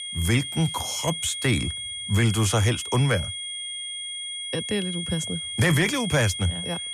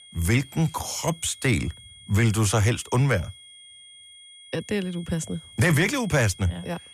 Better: second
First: high-pitched whine; loud; throughout; 3.5 kHz, 5 dB below the speech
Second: high-pitched whine; faint; throughout; 3.5 kHz, 20 dB below the speech

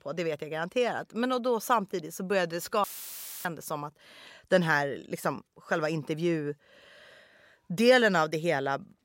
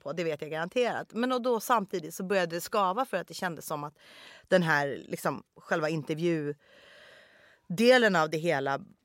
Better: second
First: audio cutting out; filled with static; at 3 s for 0.5 s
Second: none

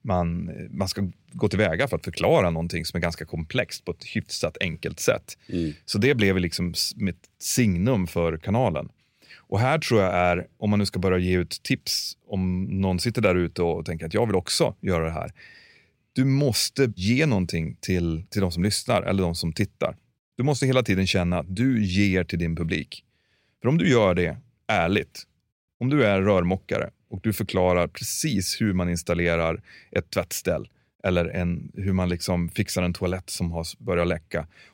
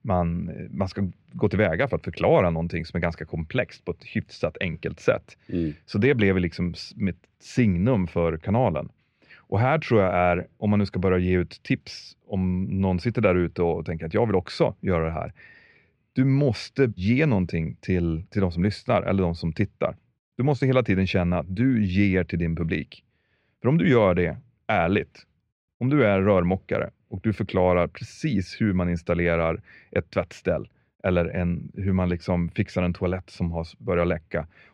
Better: first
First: none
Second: muffled; slightly; fading above 2.5 kHz

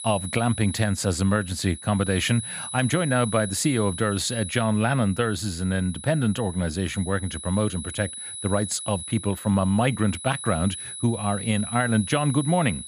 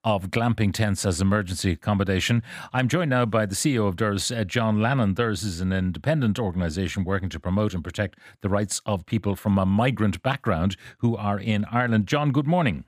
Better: second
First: high-pitched whine; loud; throughout; 10 kHz, 9 dB below the speech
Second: none

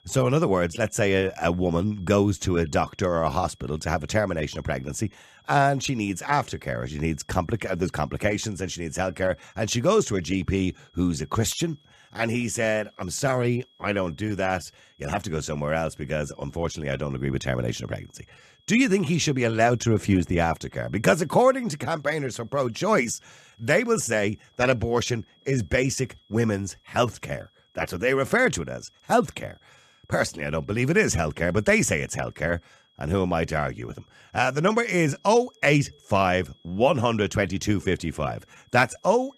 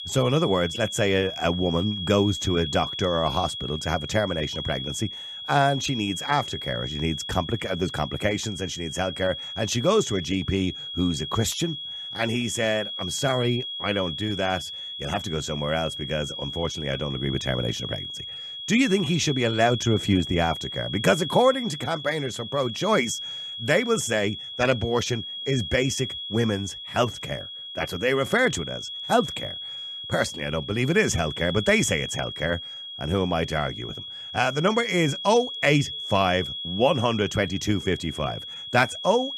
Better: first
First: high-pitched whine; faint; throughout; 3.5 kHz, 35 dB below the speech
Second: high-pitched whine; loud; throughout; 3.5 kHz, 7 dB below the speech

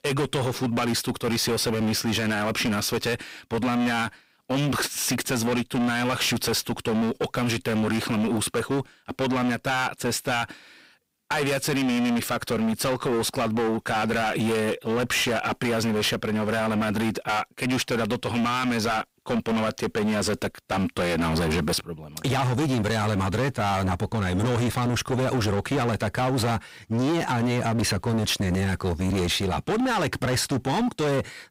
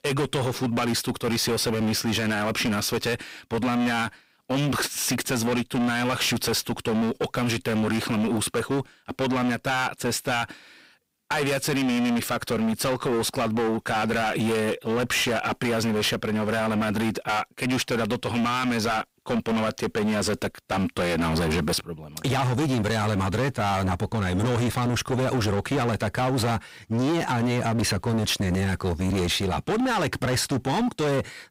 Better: neither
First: distortion; heavy; 27% of the sound clipped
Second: distortion; heavy; 27% of the sound clipped

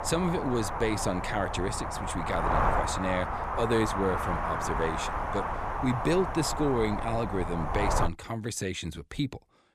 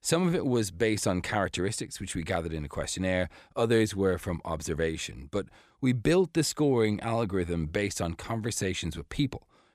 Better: second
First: wind noise on the microphone; heavy; until 8 s; 2 dB above the speech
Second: none

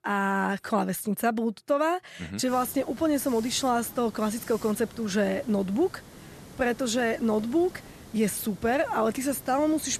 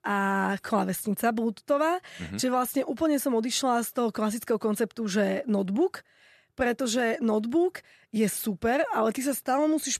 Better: second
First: hiss; noticeable; from 2.5 s on; 20 dB below the speech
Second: none

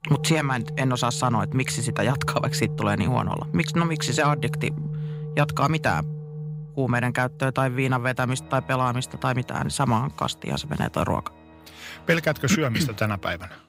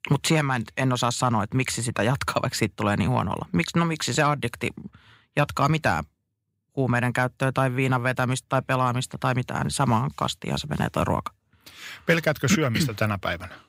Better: second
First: background music; loud; throughout; 8 dB below the speech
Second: none

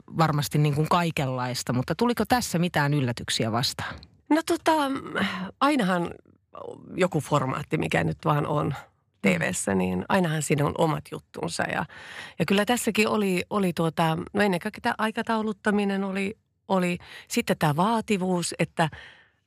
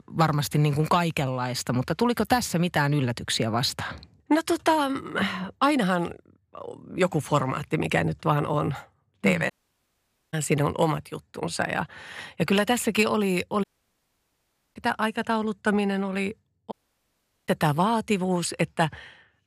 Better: first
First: none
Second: audio cutting out; at 9.5 s for 1 s, at 14 s for 1 s and at 17 s for 1 s

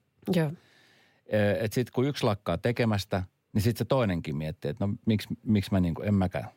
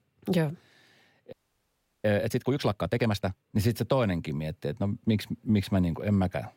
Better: first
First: none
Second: audio freezing; at 1.5 s for 0.5 s

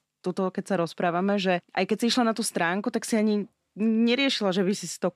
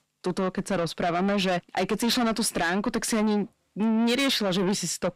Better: first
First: none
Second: distortion; heavy; 7 dB below the speech

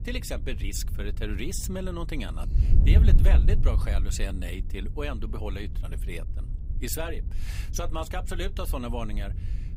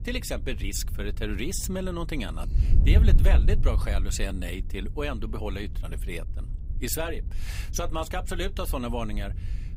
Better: second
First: wind noise on the microphone; heavy; 10 dB below the speech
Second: wind noise on the microphone; occasional gusts; 15 dB below the speech

